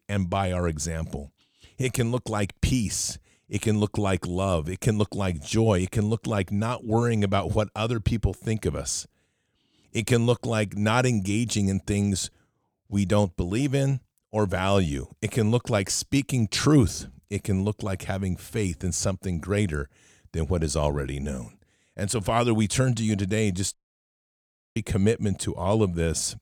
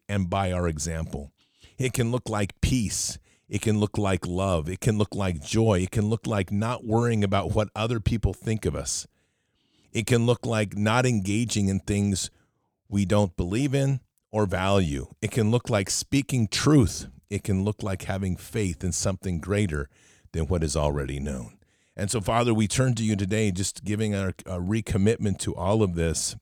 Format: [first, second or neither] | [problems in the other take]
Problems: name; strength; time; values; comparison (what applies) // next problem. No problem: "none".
second | audio cutting out; at 24 s for 1 s